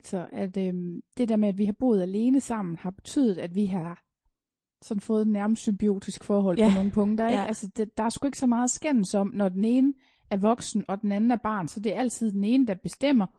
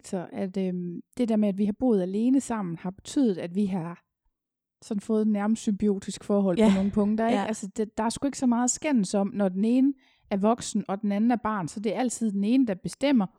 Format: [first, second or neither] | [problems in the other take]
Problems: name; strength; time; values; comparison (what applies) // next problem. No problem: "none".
second | garbled, watery; slightly